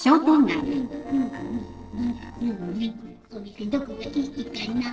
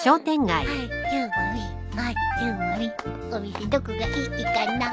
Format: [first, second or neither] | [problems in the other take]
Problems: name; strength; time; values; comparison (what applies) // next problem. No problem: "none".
second | noise reduction (neural separator model SepFormer DNS4)